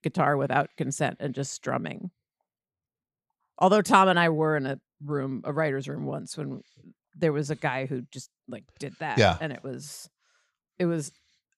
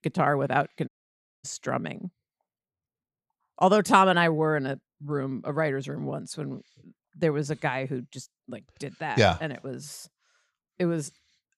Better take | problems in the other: first | audio cutting out; at 1 s for 0.5 s

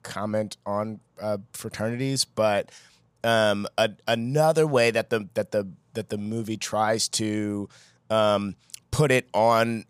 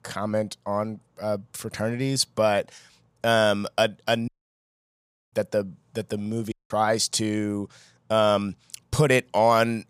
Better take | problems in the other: first | audio cutting out; at 4.5 s for 1 s and at 6.5 s

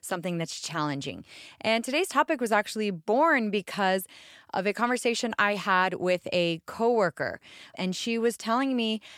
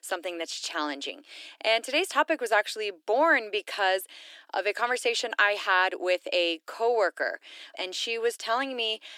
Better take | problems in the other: first | thin; somewhat; fading below 300 Hz

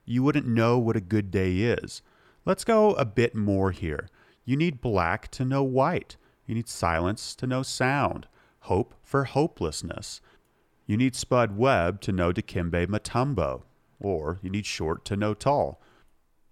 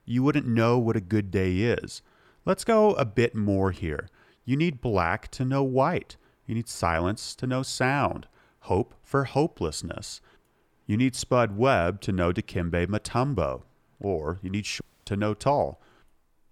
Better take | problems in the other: first | audio cutting out; at 15 s

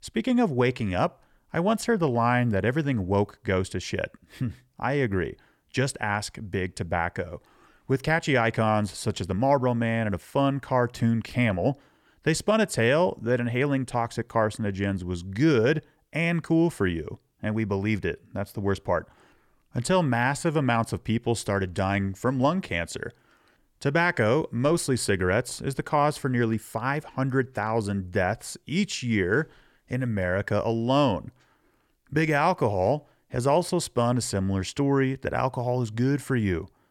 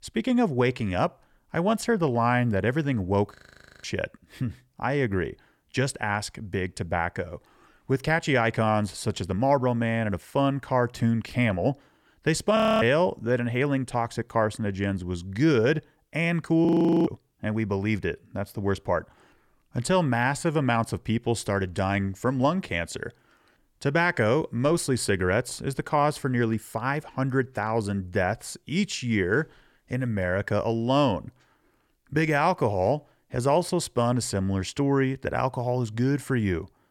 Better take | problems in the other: first | audio freezing; at 3.5 s, at 13 s and at 17 s

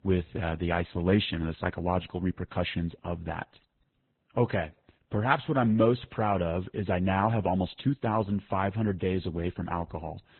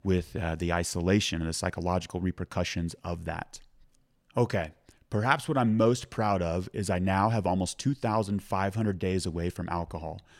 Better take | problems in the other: second | garbled, watery; badly; nothing above 4 kHz

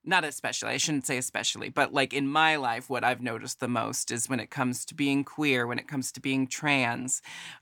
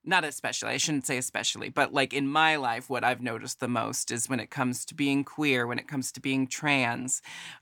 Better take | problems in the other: neither | none

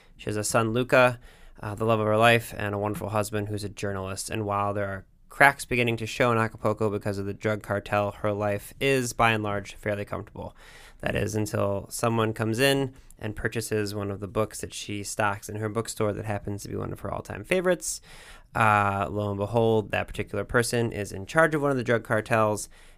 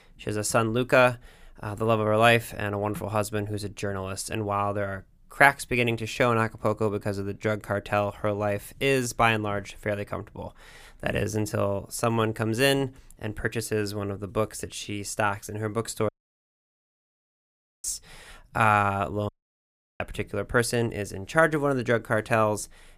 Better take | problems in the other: first | audio cutting out; at 16 s for 2 s and at 19 s for 0.5 s

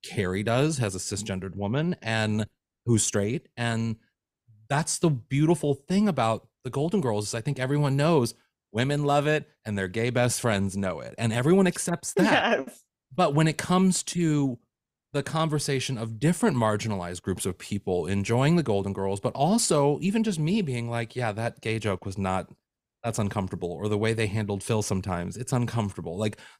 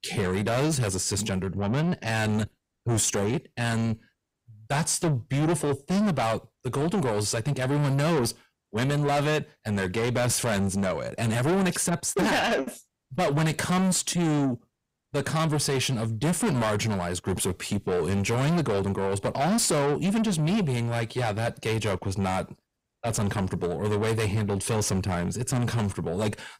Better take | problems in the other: first | distortion; heavy; 6 dB below the speech

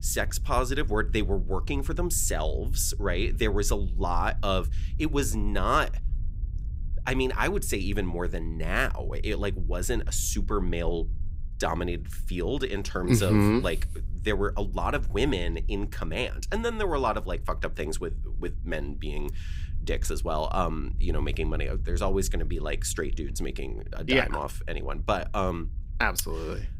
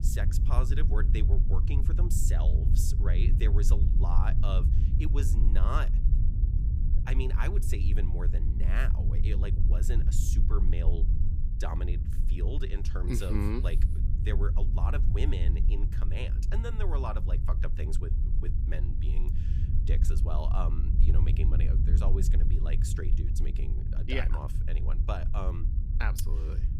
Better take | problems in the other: first | low rumble; loud; throughout; 6 dB below the speech; faint in the first

